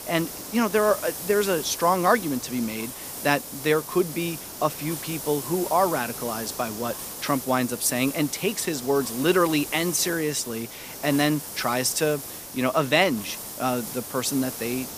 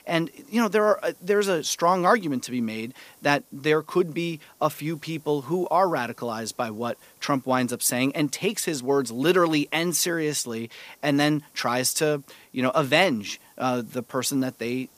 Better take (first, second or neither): second